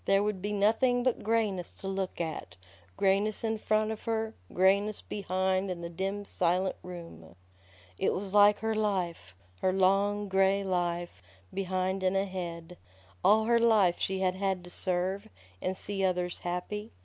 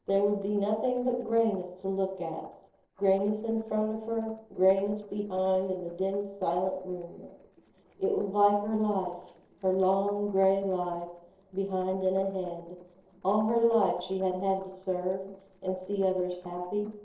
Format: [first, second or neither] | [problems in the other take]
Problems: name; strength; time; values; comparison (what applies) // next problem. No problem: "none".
first | noise reduction (neural separator model SepFormer DNS4)